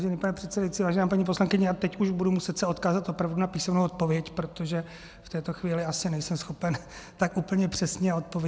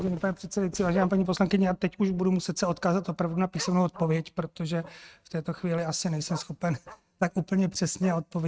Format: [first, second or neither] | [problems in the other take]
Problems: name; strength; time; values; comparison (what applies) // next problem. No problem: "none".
first | noise reduction (neural mask model RNNoise)